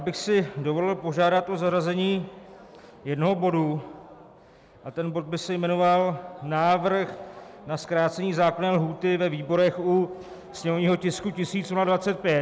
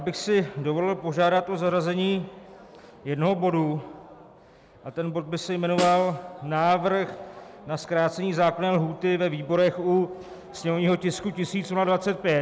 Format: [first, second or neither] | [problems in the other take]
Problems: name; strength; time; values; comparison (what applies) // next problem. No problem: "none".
first | background sound (Snare drum); 14 dB below the speech